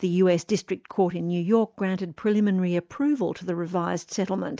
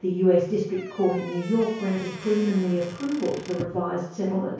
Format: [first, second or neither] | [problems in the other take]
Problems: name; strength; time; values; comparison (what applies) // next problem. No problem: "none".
first | background sound (Squeak / Wood); 16 dB below the speech // room echo; dies away in 0.6 s